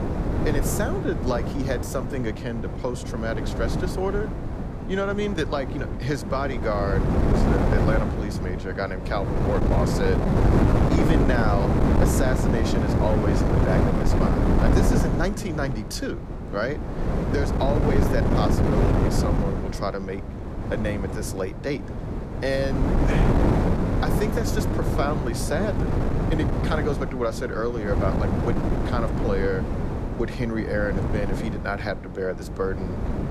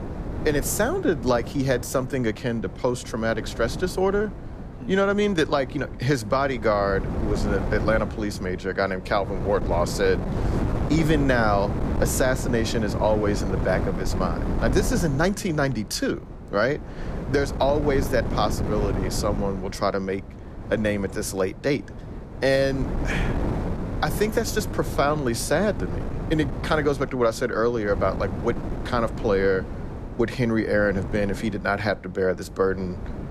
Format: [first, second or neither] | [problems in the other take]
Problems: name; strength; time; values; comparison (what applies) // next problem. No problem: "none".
second | wind noise on the microphone; heavy; 1 dB below the speech; occasional gusts in the second